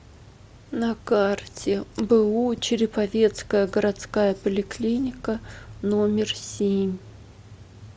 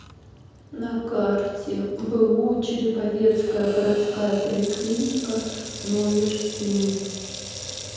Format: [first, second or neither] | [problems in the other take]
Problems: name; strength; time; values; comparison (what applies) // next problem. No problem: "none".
first | background sound (Sink (filling or washing) / Water tap, faucet); 14 dB below the speech // room echo; dies away in 1.2 s